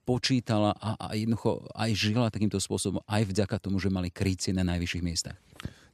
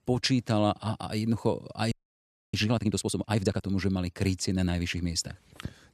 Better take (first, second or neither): first